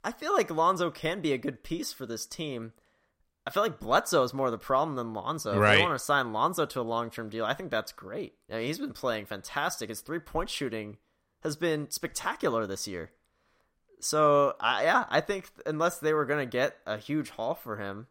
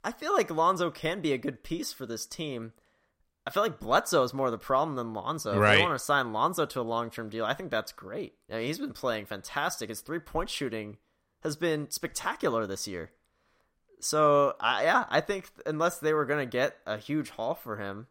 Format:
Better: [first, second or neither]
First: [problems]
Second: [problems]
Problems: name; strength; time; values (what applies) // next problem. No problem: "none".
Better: neither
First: none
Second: none